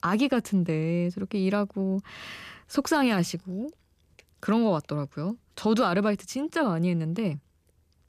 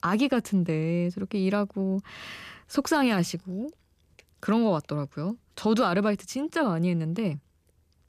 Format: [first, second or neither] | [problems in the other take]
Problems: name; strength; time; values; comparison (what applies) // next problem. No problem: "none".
neither | none